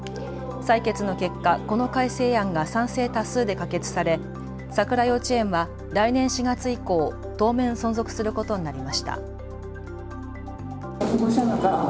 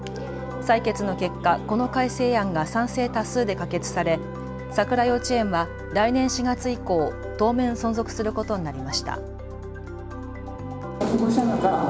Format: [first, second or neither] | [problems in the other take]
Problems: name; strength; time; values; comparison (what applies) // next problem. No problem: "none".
first | background sound (Wind instrument, woodwind instrument); 18 dB below the speech